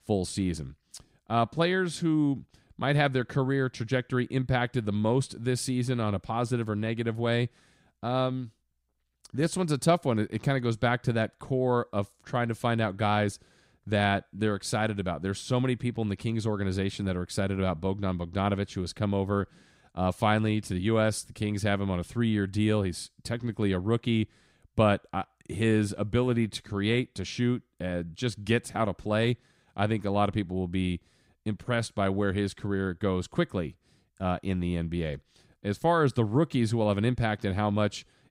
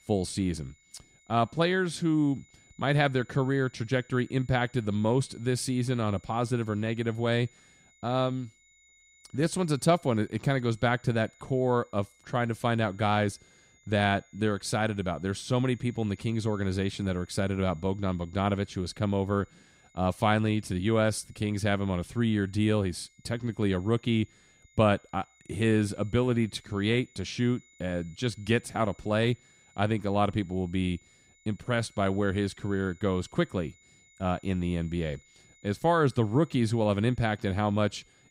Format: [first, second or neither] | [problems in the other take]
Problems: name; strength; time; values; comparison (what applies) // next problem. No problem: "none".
first | high-pitched whine; faint; throughout; 2 kHz, 30 dB below the speech